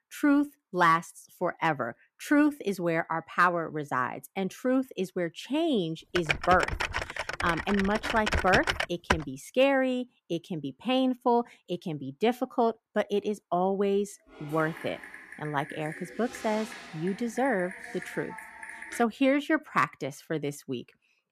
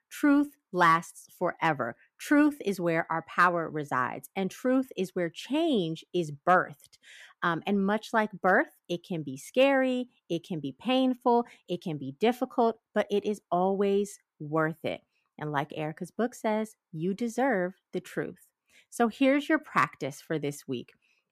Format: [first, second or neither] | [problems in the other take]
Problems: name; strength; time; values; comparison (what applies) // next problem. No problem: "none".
second | keyboard typing; loud; from 6 to 9 s; peak 1 dB above the speech // keyboard typing; faint; from 14 to 19 s; peak 10 dB below the speech